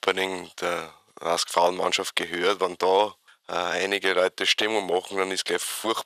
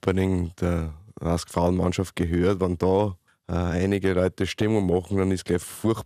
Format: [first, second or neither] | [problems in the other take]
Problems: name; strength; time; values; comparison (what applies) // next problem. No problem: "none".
second | thin; very; fading below 700 Hz